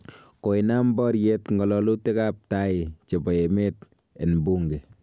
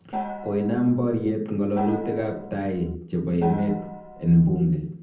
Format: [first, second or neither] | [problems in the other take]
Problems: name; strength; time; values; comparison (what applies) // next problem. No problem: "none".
first | background sound (Gong); 11 dB below the speech // room echo; dies away in 0.6 s